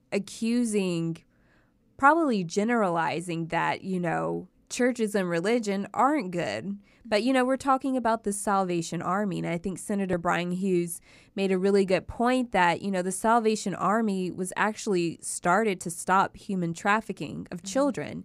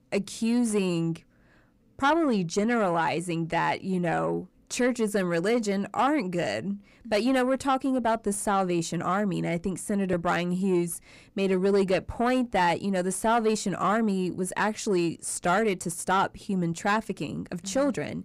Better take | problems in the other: first | distortion; slight; 10 dB below the speech

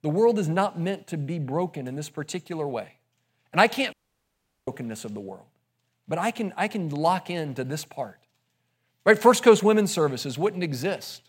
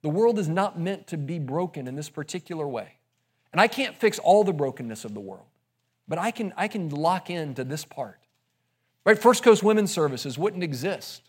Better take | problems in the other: second | audio cutting out; at 4 s for 0.5 s

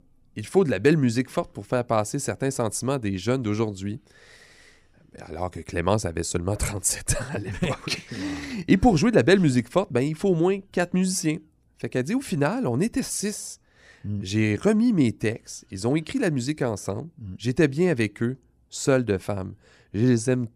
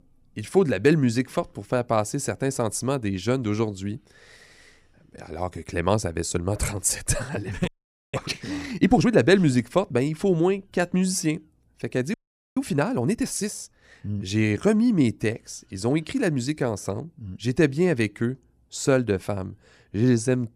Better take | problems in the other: first | audio freezing; at 7.5 s and at 12 s

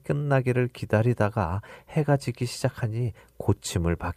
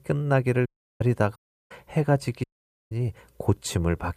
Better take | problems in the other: first | audio cutting out; at 0.5 s, at 1.5 s and at 2.5 s

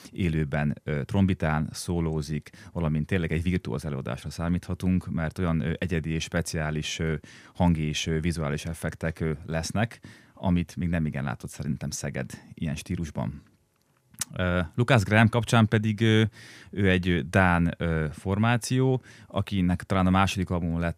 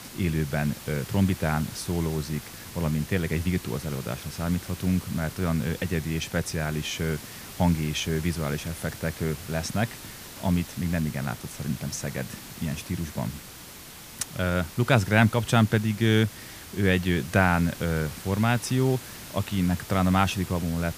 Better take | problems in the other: first | hiss; noticeable; throughout; 15 dB below the speech

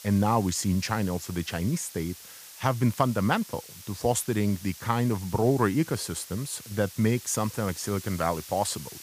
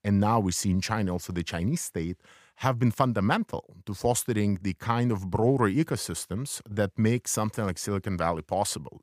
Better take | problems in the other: second | hiss; noticeable; throughout; 15 dB below the speech

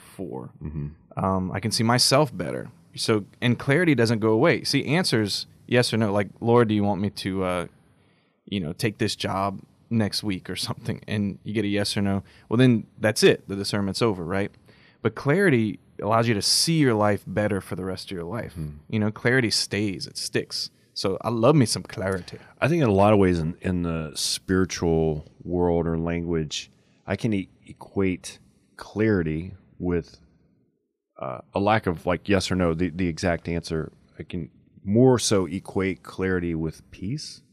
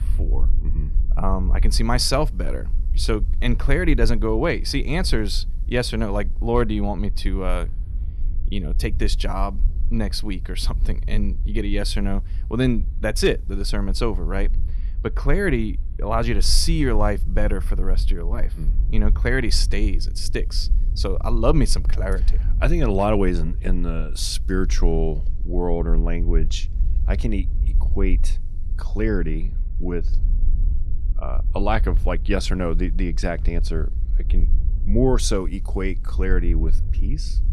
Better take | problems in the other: first | low rumble; faint; throughout; 20 dB below the speech

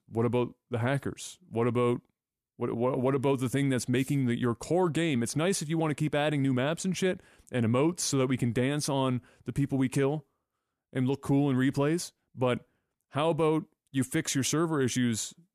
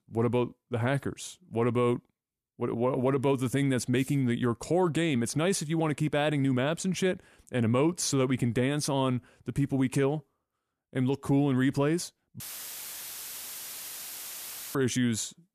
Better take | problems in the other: first | audio cutting out; filled with static; at 12 s for 2.5 s

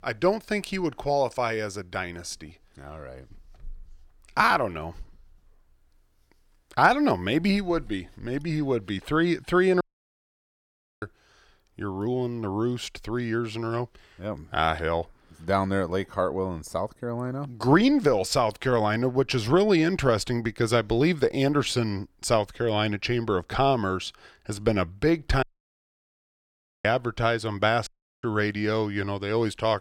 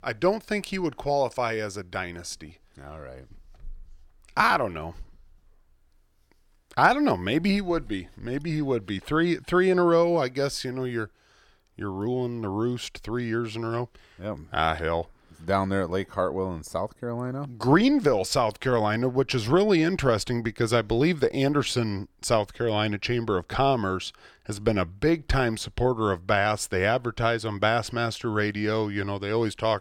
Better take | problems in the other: second | audio cutting out; at 10 s for 1 s, at 25 s for 1.5 s and at 28 s

